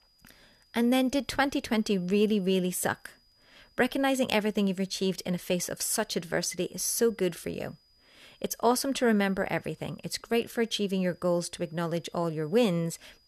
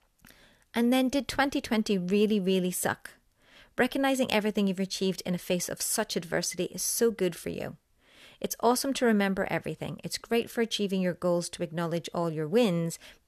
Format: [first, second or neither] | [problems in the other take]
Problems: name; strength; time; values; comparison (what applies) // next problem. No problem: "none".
second | high-pitched whine; faint; throughout; 5 kHz, 35 dB below the speech